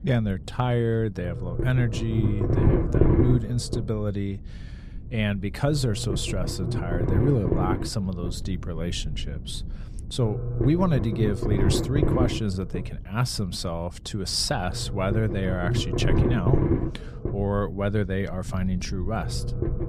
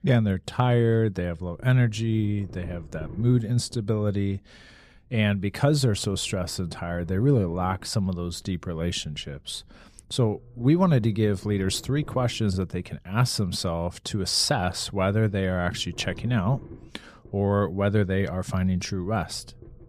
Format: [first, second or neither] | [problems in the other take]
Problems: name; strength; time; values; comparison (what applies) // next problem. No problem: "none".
second | low rumble; loud; throughout; 2 dB below the speech; faint in the second